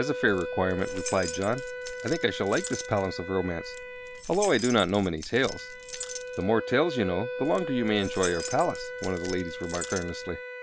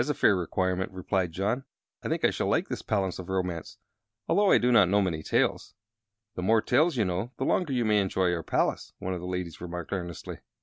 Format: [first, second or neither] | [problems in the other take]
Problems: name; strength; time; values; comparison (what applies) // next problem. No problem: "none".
second | background sound (Wind instrument, woodwind instrument + Keys jangling); 7 dB below the speech